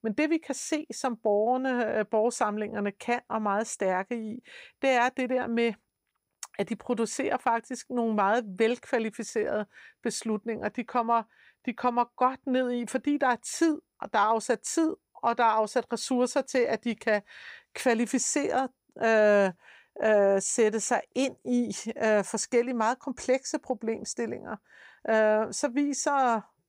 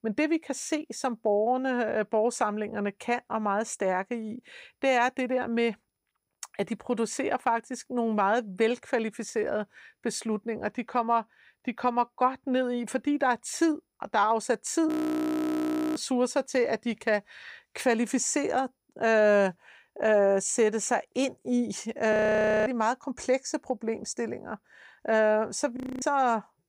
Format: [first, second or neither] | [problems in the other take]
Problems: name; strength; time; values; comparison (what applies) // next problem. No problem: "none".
first | audio freezing; at 15 s for 1 s, at 22 s for 0.5 s and at 26 s